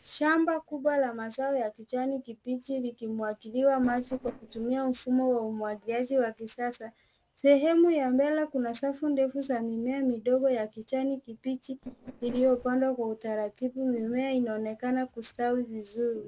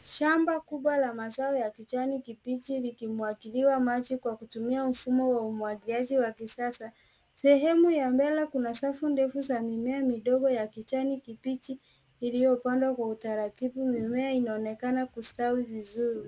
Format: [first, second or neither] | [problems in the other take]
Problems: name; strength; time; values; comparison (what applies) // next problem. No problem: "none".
second | noise reduction (neural separator model SepFormer DNS4)